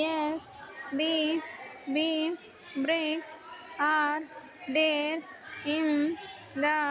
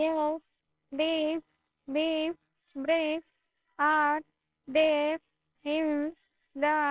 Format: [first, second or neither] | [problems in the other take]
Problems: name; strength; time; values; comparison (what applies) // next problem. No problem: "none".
first | noise reduction (neural separator model SepFormer WHAMR!)